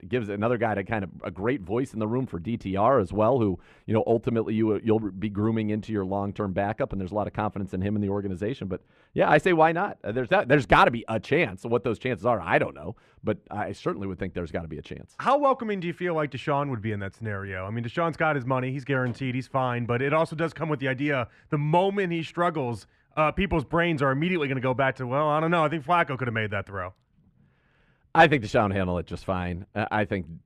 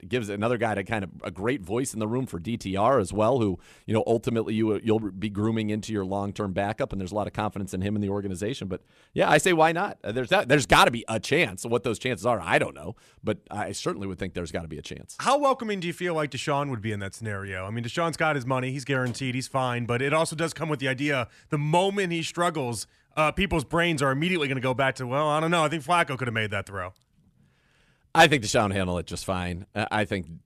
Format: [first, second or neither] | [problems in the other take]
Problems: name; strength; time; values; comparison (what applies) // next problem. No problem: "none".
second | muffled; slightly; fading above 4 kHz